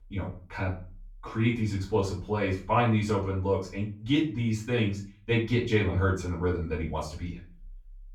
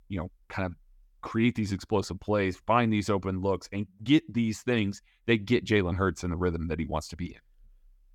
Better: second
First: room echo; slight; dies away in 0.3 s // off-mic speech; far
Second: none

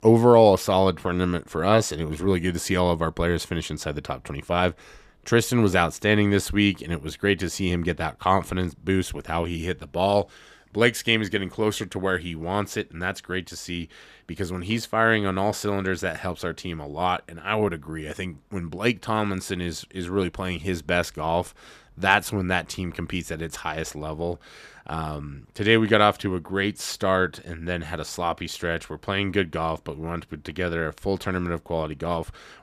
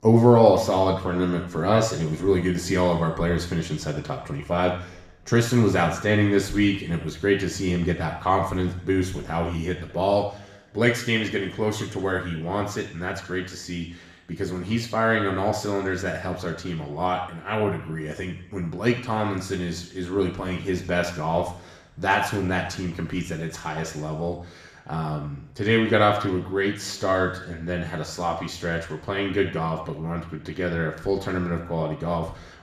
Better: first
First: none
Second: room echo; slight; dies away in 0.7 s // off-mic speech; somewhat distant

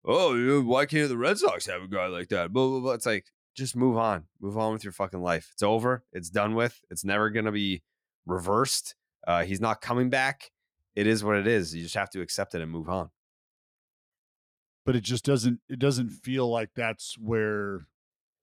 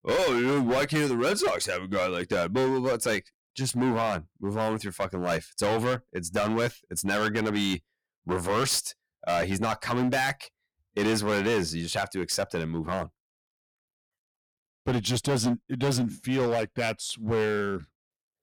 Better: first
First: none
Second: distortion; heavy; 14% of the sound clipped

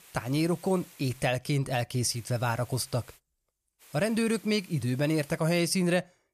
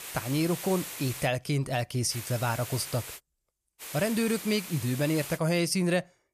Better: first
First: hiss; faint; until 1.5 s, from 2 to 3 s and from 4 to 5.5 s; 25 dB below the speech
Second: hiss; loud; until 1.5 s, from 2 to 3 s and from 4 to 5.5 s; 10 dB below the speech

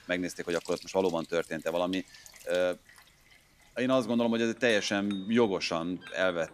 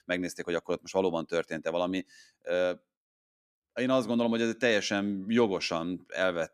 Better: second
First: household noises; noticeable; throughout; 20 dB below the speech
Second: none

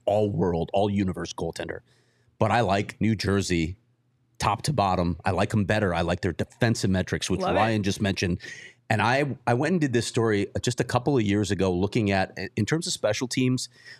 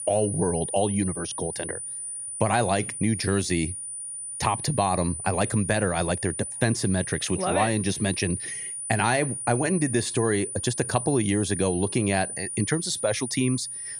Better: first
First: none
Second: high-pitched whine; loud; throughout; 9.5 kHz, 6 dB below the speech

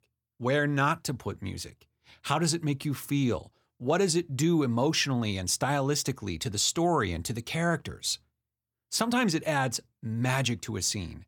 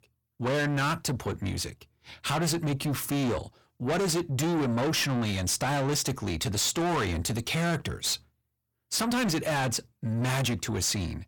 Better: first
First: none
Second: distortion; heavy; 6 dB below the speech

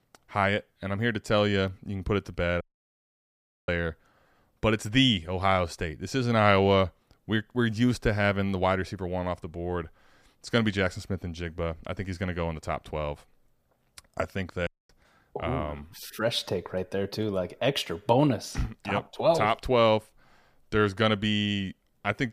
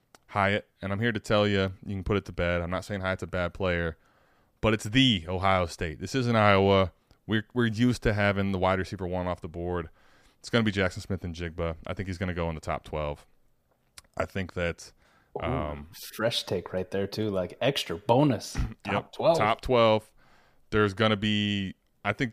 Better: second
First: audio cutting out; at 2.5 s for 1 s and at 15 s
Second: none

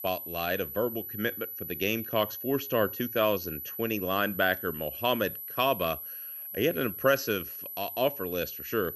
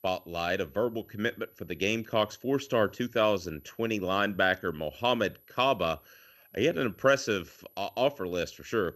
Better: second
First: high-pitched whine; loud; throughout; 12 kHz, 7 dB below the speech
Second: high-pitched whine; faint; throughout; 12 kHz, 30 dB below the speech

